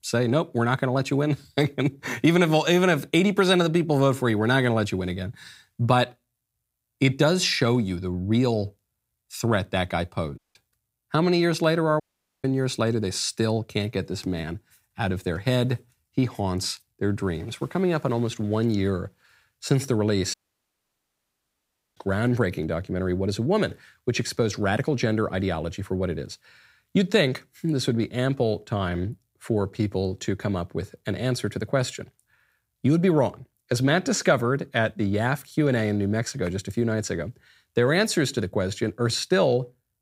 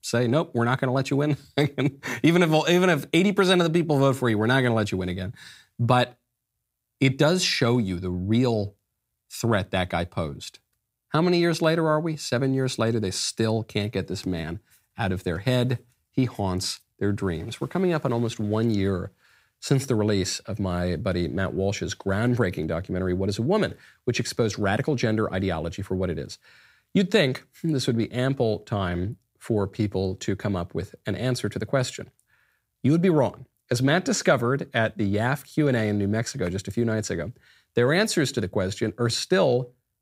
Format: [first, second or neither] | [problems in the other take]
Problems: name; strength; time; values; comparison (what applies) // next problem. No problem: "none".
second | audio cutting out; at 10 s, at 12 s and at 20 s for 1.5 s